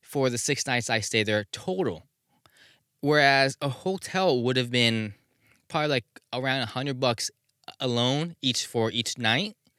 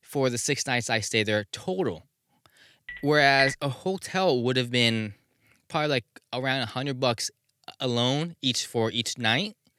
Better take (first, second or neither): first